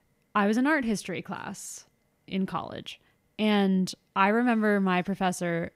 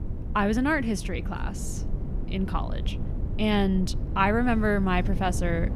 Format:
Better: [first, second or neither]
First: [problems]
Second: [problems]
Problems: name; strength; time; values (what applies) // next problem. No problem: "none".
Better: first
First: none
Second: wind noise on the microphone; occasional gusts; 15 dB below the speech